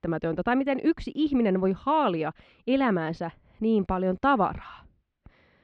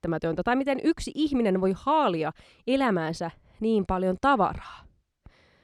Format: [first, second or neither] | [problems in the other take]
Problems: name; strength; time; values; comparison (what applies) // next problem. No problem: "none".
second | muffled; slightly; fading above 3 kHz